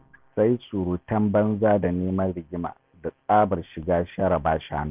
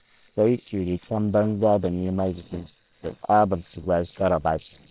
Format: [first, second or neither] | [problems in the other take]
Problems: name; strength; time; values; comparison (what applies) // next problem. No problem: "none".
first | noise reduction (neural separator model SepFormer WHAM!)